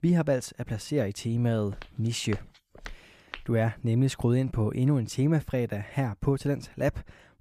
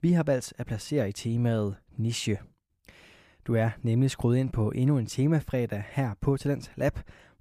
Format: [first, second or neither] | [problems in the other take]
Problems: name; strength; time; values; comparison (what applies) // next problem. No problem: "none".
second | footsteps; faint; from 1.5 to 3.5 s; peak 15 dB below the speech